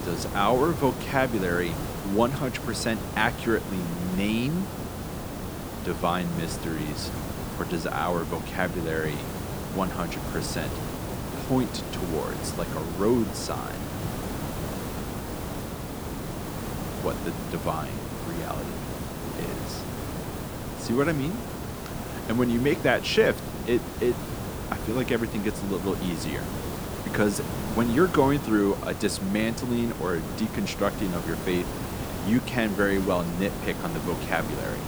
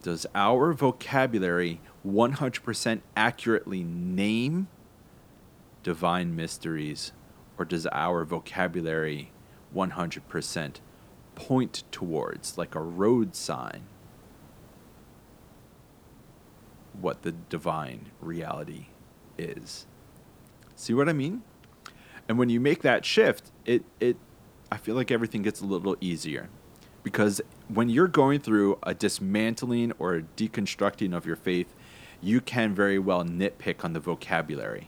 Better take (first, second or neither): second